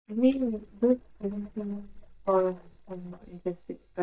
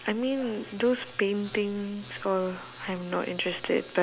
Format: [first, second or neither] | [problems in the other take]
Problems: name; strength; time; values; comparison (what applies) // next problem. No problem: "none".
second | noise reduction (neural mask model DeepFilterNet 3)